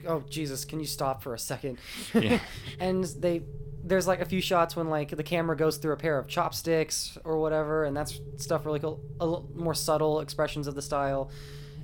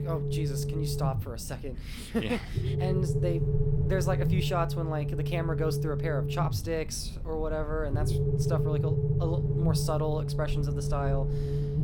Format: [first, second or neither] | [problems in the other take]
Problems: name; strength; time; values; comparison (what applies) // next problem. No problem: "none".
first | low rumble; loud; throughout; 3 dB below the speech; faint in the first